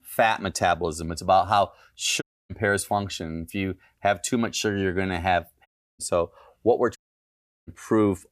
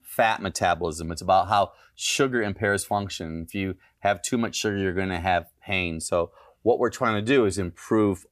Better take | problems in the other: second | audio cutting out; at 2 s, at 5.5 s and at 7 s for 0.5 s

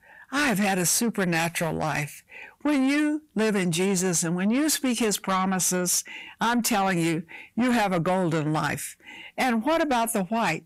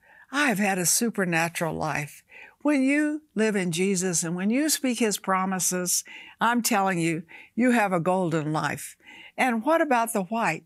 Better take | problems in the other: second | distortion; slight; 10 dB below the speech

